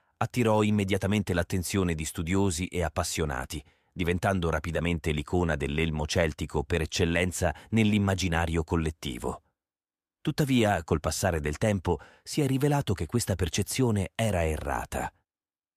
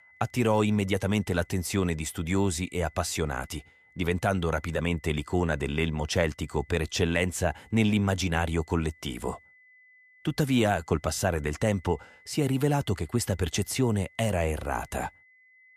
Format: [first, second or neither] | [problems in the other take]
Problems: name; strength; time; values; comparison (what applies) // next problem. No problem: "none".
first | high-pitched whine; faint; throughout; 2 kHz, 30 dB below the speech